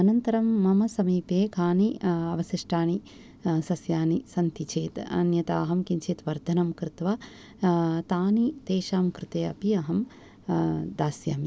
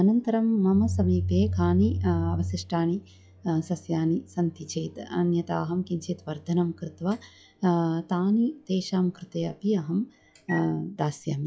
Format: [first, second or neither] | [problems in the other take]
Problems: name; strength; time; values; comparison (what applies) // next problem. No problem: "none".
first | noise reduction (classical method log-MMSE)